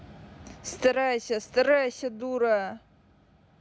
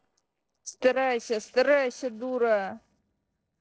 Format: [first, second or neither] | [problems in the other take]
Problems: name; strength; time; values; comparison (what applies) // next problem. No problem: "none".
first | noise reduction (neural separator model SepFormer DNS4)